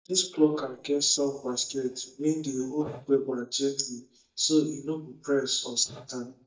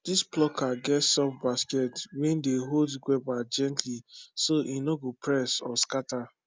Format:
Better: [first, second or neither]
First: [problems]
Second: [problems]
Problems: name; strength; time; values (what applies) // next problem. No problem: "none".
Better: second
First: noise reduction (neural mask model DeepFilterNet 3)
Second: none